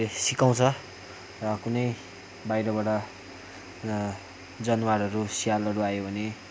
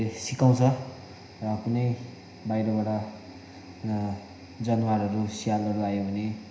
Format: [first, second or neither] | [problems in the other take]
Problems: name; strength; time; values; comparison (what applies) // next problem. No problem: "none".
first | room echo; dies away in 0.9 s